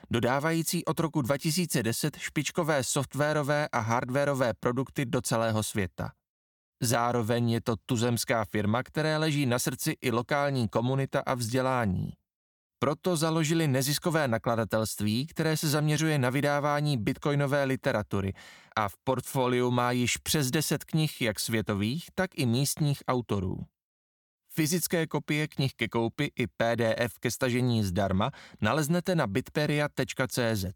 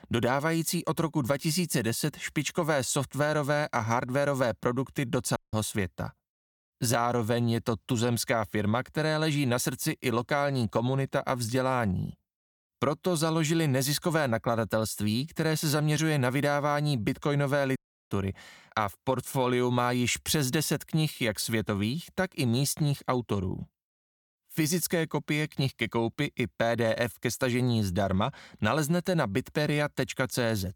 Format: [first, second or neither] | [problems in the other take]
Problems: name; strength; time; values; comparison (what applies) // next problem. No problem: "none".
first | audio cutting out; at 5.5 s and at 18 s